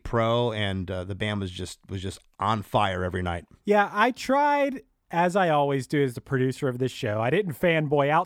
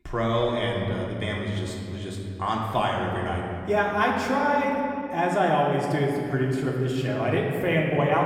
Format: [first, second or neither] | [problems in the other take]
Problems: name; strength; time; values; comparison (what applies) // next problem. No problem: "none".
first | room echo; noticeable; dies away in 2.4 s // off-mic speech; far